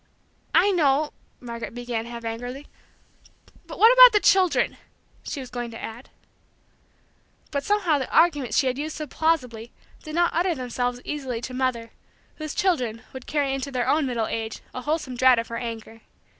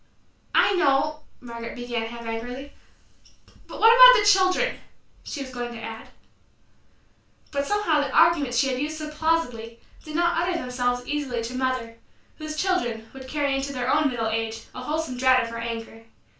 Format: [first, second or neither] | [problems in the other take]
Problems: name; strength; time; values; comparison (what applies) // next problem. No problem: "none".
first | room echo; dies away in 0.3 s